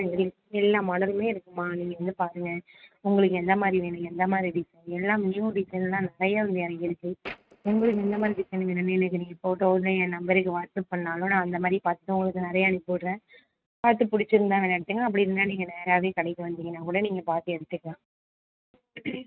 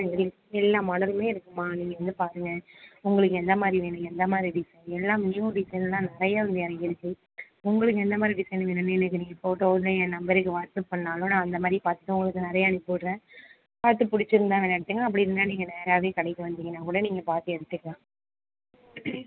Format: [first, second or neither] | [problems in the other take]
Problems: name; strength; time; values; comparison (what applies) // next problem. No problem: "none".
second | noise reduction (neural mask model RNNoise)